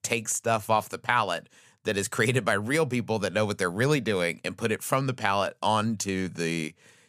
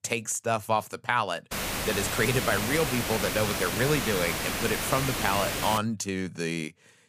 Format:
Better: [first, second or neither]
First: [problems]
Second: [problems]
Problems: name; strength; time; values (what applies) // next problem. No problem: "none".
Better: first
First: none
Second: hiss; loud; from 1.5 to 6 s; 1 dB below the speech